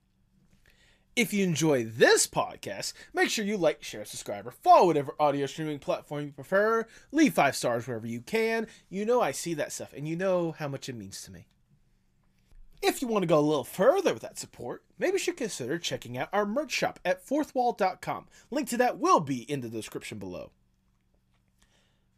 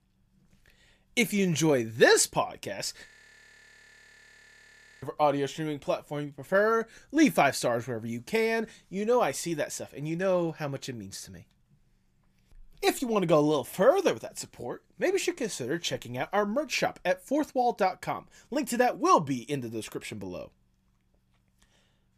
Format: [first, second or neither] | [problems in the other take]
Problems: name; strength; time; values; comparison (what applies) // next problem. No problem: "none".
first | audio freezing; at 3 s for 2 s